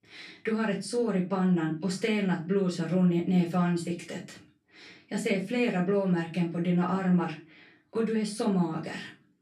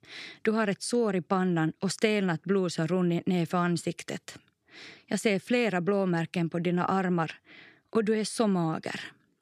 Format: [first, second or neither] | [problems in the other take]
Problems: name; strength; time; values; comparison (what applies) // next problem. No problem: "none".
second | off-mic speech; far // room echo; slight; dies away in 0.3 s